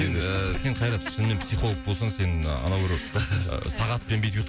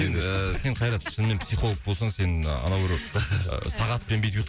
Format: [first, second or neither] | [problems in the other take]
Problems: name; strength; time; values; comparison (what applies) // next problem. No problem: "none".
second | background sound (Bowed string instrument); 14 dB below the speech